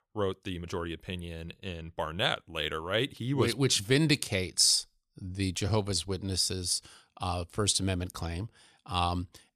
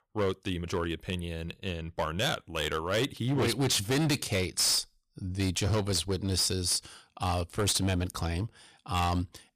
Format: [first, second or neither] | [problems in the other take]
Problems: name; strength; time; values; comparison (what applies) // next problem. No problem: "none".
first | distortion; heavy; 10% of the sound clipped